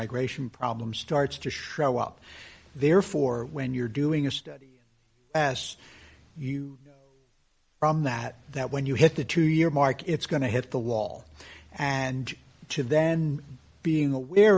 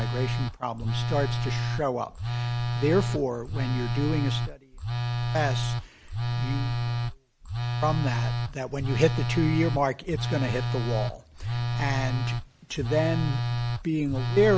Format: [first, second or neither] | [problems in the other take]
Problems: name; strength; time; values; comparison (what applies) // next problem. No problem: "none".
first | background sound (Telephone); 1 dB above the speech